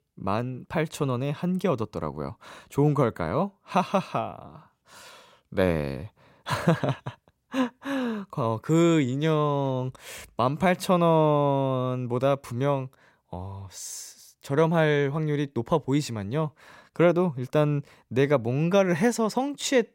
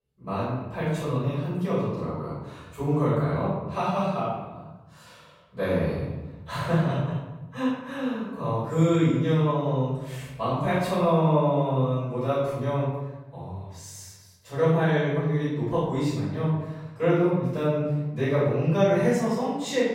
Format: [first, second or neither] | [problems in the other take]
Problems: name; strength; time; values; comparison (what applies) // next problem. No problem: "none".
first | off-mic speech; far // room echo; strong; dies away in 1.1 s